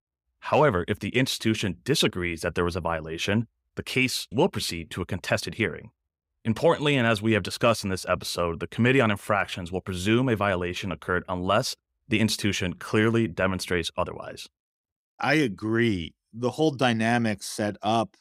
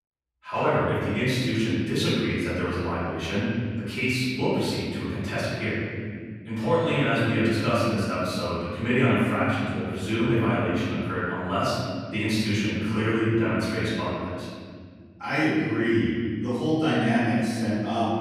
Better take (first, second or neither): first